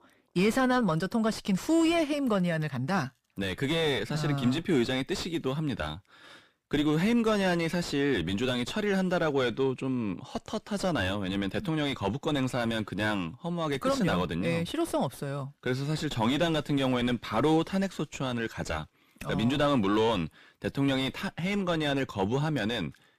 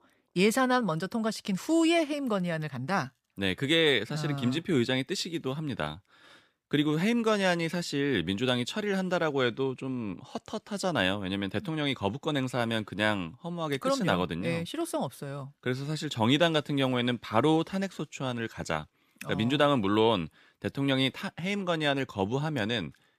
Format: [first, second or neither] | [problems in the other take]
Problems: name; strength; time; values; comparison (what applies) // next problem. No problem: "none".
second | distortion; heavy; 5 dB below the speech